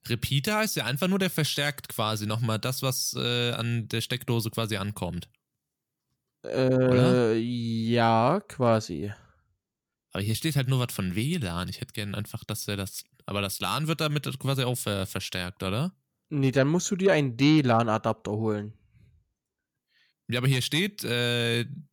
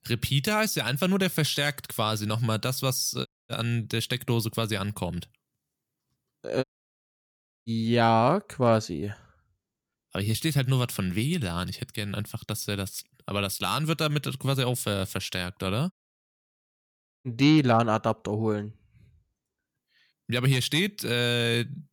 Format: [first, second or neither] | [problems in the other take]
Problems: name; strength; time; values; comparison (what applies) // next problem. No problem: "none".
first | audio cutting out; at 3.5 s, at 6.5 s for 1 s and at 16 s for 1.5 s